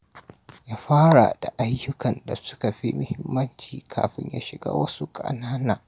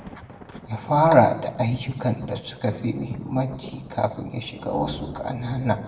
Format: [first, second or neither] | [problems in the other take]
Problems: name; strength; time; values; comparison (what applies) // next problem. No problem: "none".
first | background sound (Thunder); 16 dB below the speech // room echo; dies away in 0.8 s